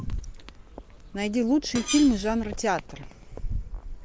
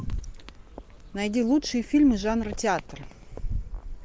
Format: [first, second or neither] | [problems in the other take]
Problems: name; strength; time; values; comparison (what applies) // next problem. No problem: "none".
second | background sound (Screech); 10 dB below the speech